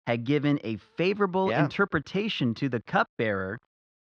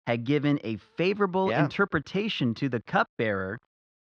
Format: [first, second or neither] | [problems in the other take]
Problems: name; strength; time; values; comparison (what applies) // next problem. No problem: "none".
neither | muffled; slightly; fading above 4 kHz; the same in both